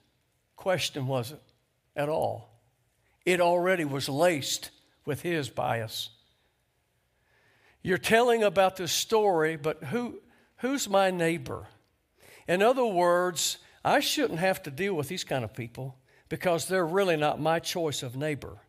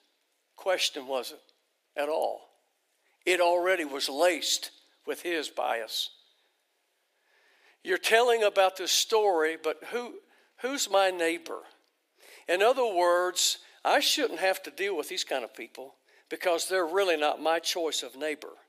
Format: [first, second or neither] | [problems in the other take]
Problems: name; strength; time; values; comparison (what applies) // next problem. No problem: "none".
first | thin; somewhat; fading below 300 Hz